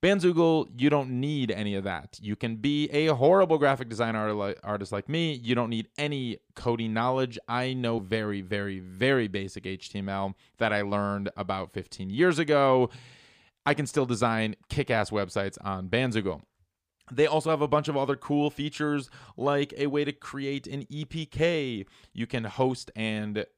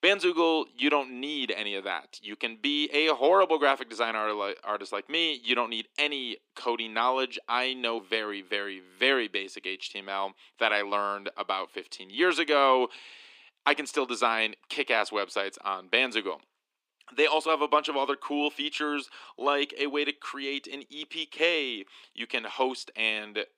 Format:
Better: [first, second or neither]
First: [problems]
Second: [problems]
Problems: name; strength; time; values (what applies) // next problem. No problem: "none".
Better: first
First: none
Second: thin; somewhat; fading below 300 Hz